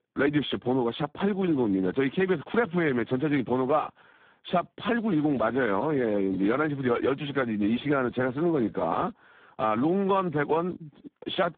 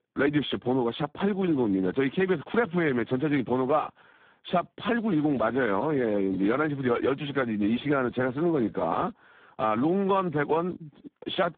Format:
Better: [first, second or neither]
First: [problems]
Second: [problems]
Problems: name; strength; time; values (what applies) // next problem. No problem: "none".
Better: neither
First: phone-call audio; poor line; nothing above 3.5 kHz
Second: phone-call audio; poor line; nothing above 3.5 kHz